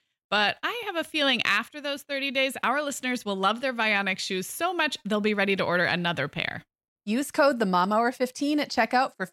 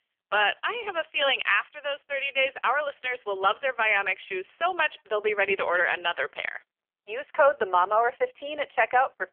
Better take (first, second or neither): first